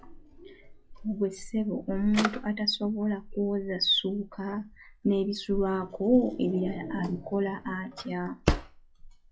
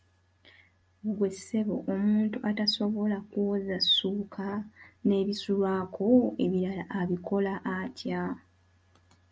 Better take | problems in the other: second | noise reduction (classical method log-MMSE)

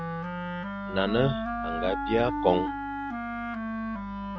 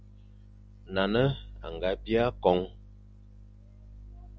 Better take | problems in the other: second | background sound (Wind instrument, woodwind instrument); 2 dB below the speech

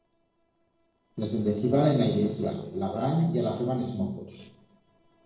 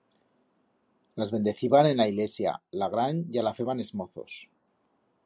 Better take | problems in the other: second | noise reduction (neural separator model SepFormer DNS4)

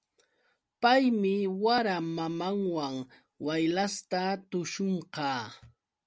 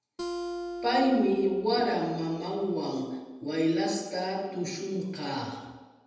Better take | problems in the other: first | background sound (Acoustic guitar); 11 dB below the speech // room echo; dies away in 1.1 s

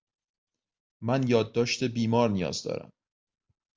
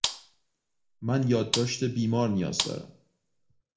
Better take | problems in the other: first | background sound (Gunshot, gunfire); 7 dB below the speech // room echo; dies away in 0.3 s

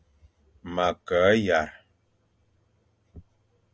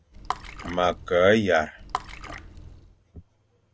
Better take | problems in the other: first | background sound (Water / Splash, splatter); 12 dB below the speech

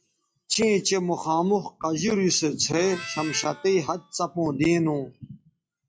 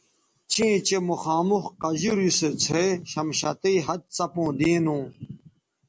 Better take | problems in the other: second | noise reduction (classical method log-MMSE)

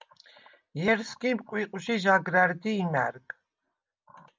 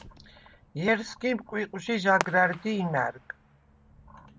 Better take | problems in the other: first | background sound (Fireworks); 15 dB below the speech

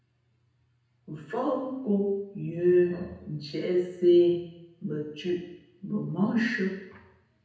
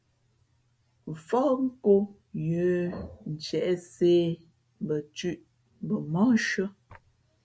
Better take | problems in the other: second | room echo; dies away in 0.9 s

